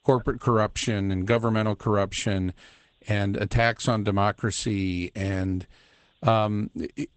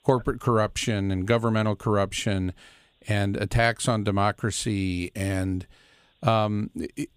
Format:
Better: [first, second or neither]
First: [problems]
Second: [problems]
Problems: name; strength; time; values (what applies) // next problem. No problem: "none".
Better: second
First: garbled, watery; badly; nothing above 8 kHz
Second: none